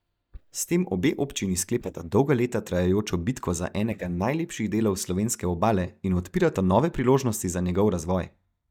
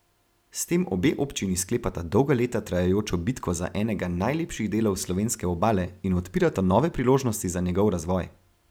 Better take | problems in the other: second | noise reduction (neural mask model DeepFilterNet 3)

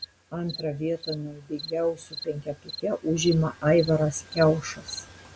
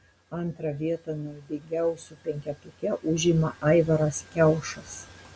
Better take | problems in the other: second | background sound (Cricket); 16 dB below the speech

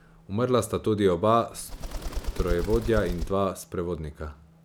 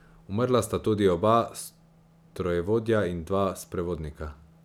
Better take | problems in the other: second | background sound (Bird); 4 dB below the speech

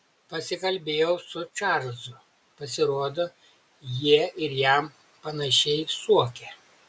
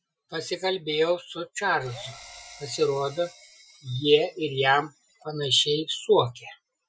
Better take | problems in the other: first | noise reduction (classical method Wiener filter)

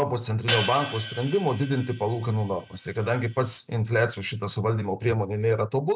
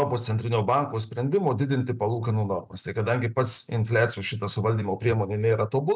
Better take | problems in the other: second | background sound (Hi-hat); 9 dB below the speech

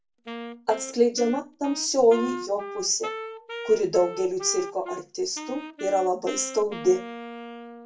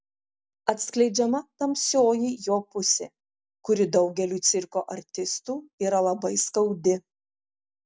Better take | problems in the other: second | background sound (Wind instrument, woodwind instrument); 11 dB below the speech // room echo; dies away in 0.2 s

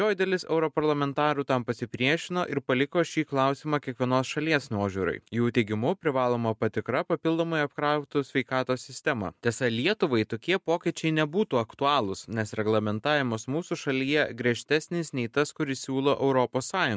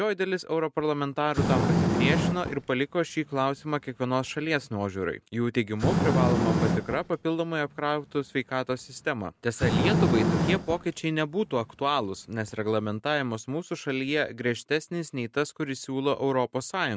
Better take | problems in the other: first | background sound (Fire); 1 dB below the speech

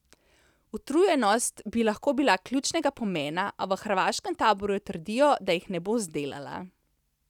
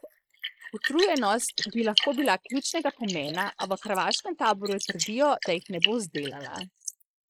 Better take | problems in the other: first | noise reduction (neural mask model Resemble Enhance denoiser)

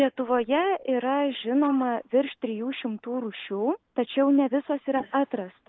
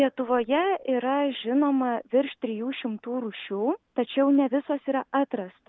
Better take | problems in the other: second | noise reduction (neural mask model Resemble Enhance denoiser)

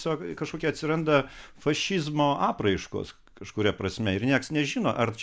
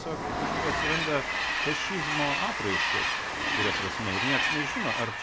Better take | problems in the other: first | background sound (Train); 5 dB above the speech

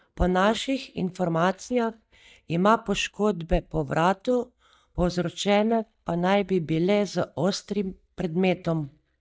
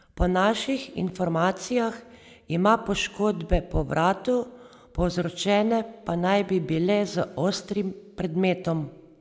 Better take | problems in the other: second | noise reduction (neural mask model DeepFilterNet 3)

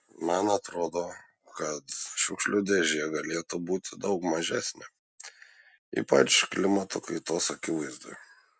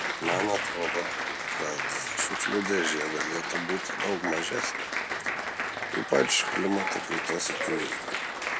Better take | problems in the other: first | background sound (Applause); as loud as the speech

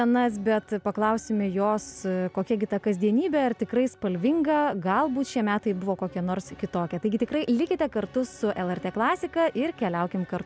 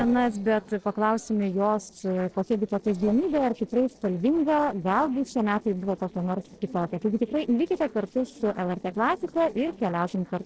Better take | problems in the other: first | noise reduction (neural separator model SepFormer DNS4)

